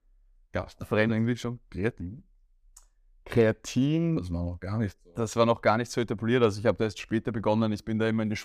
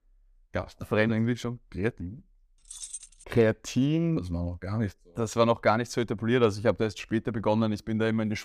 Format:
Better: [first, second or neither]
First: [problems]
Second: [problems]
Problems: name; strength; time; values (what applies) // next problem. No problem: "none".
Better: first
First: none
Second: jangling keys; faint; at 2.5 s; peak 10 dB below the speech